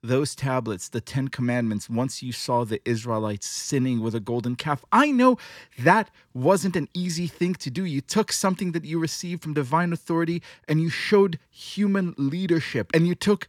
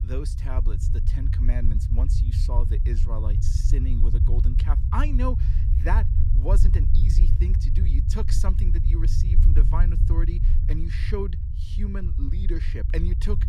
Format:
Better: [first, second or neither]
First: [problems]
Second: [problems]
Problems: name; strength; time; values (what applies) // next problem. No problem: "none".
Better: first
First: none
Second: low rumble; loud; throughout; 5 dB below the speech